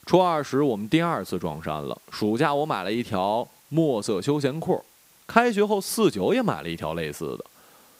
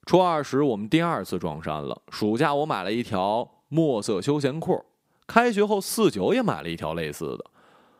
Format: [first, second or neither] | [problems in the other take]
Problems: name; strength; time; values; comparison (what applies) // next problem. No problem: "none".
second | hiss; faint; throughout; 30 dB below the speech